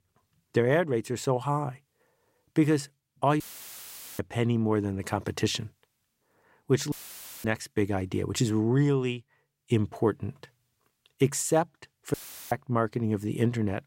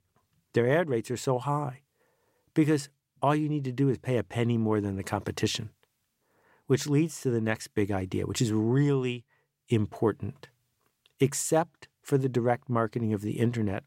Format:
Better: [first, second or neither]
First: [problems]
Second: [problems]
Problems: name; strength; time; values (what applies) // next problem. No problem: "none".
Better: second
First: audio cutting out; filled with static; at 3.5 s for 1 s, at 7 s for 0.5 s and at 12 s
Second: none